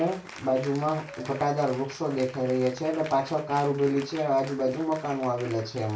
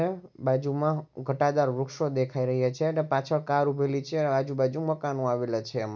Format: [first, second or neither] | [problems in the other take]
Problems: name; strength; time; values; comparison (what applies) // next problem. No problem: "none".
second | background sound (Applause / Cheering); 17 dB below the speech // room echo; dies away in 0.3 s